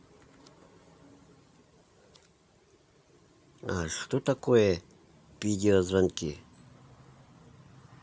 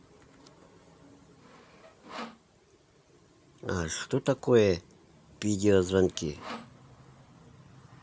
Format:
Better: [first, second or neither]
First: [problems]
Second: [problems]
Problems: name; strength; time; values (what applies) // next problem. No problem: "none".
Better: first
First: none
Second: background sound (Sawing); 16 dB below the speech